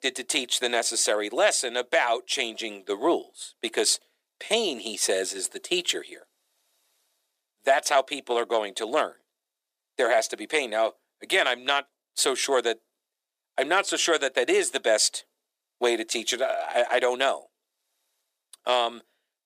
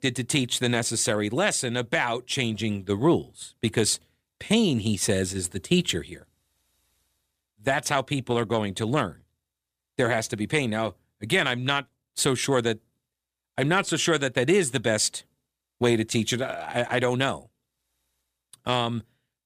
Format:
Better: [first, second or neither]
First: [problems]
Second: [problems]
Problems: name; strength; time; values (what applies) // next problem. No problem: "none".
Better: second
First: thin; very; fading below 350 Hz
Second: none